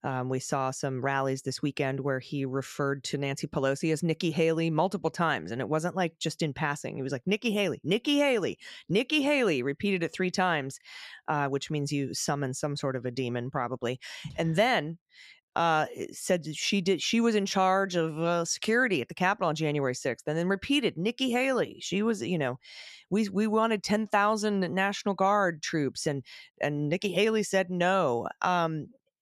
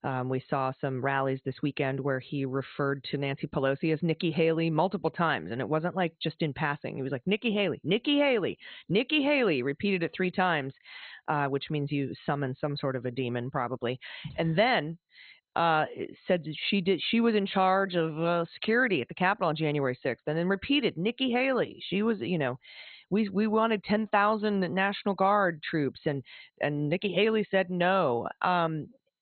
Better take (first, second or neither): first